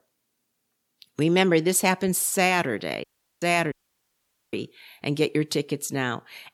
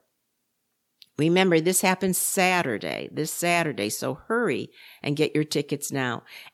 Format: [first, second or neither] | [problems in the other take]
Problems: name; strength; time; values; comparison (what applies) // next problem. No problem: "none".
second | audio cutting out; at 3 s and at 3.5 s for 1 s